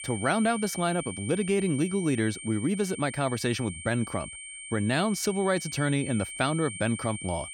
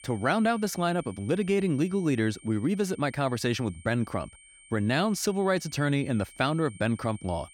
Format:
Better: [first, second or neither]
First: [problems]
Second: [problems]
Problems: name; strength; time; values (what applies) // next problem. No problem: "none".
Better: second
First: high-pitched whine; loud; throughout; 8.5 kHz, 9 dB below the speech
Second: high-pitched whine; faint; throughout; 8.5 kHz, 20 dB below the speech